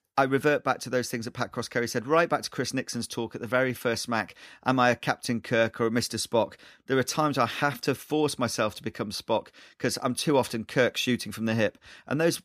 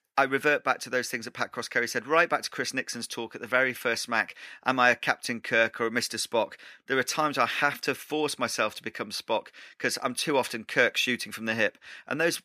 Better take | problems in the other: first | thin; very slightly; fading below 400 Hz

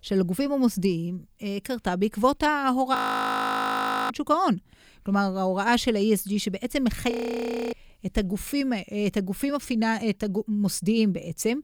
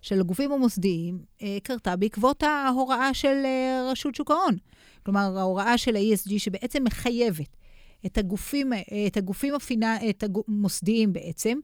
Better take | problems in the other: second | audio freezing; at 3 s for 1 s and at 7 s for 0.5 s

